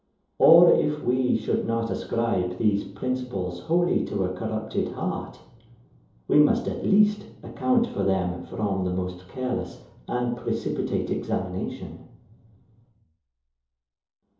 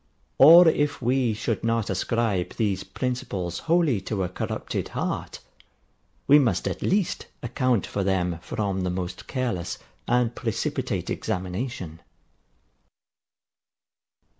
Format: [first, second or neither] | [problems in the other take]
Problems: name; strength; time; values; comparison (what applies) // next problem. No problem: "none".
second | room echo; dies away in 2.8 s